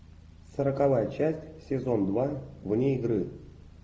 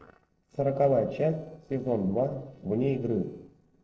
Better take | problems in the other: first | noise reduction (neural separator model SepFormer DNS4)

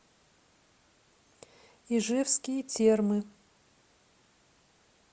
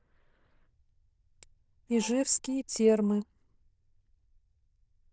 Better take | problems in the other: first | noise reduction (neural diffusion model UNIVERSE++)

